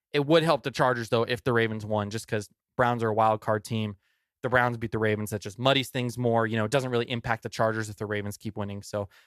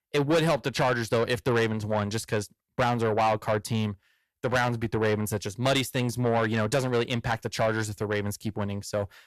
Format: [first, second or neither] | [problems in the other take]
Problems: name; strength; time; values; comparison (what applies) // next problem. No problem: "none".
first | distortion; heavy; 7 dB below the speech